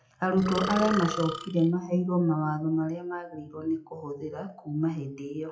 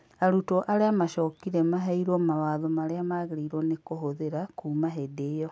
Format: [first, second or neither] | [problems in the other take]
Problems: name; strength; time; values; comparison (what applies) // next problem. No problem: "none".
second | noise reduction (classical method WPE with log-MMSE)